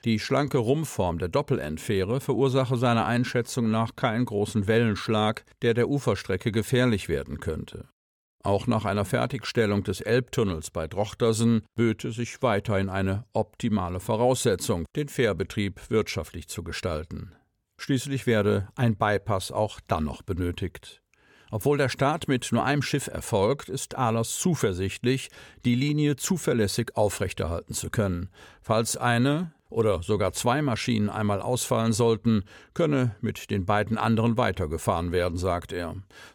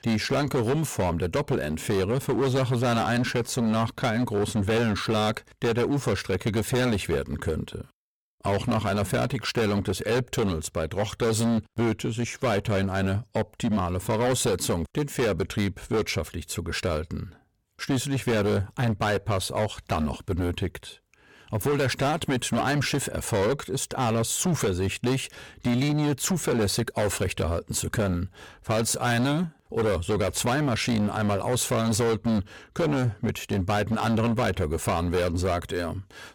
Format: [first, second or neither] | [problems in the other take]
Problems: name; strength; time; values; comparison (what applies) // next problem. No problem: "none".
first | distortion; heavy; 16% of the sound clipped